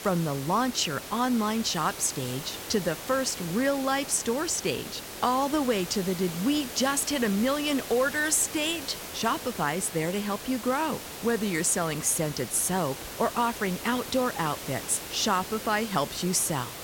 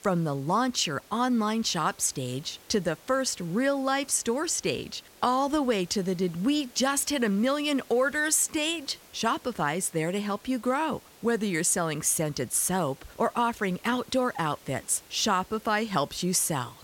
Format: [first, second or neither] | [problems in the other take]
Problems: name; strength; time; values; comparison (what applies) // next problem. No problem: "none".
second | hiss; loud; throughout; 10 dB below the speech; faint in the second